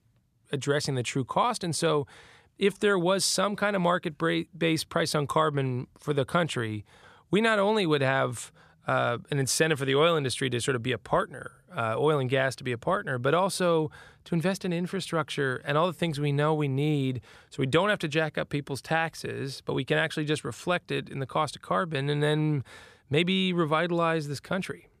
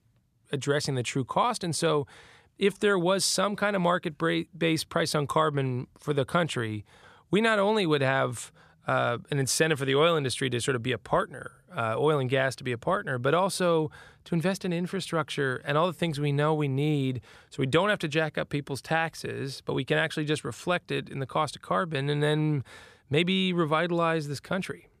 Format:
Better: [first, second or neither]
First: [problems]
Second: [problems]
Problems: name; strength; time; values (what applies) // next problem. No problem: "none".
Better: neither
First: none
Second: none